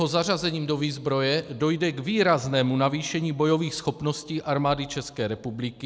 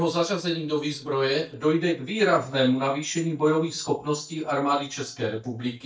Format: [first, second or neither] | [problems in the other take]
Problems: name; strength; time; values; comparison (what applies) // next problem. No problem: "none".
first | noise reduction (neural mask model DeepFilterNet 3)